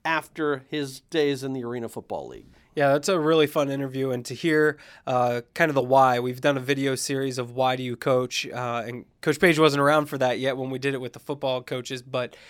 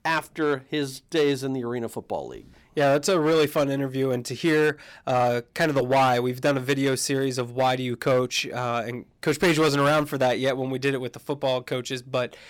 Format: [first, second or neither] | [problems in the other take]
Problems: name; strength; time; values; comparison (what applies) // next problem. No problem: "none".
first | distortion; slight; 6% of the sound clipped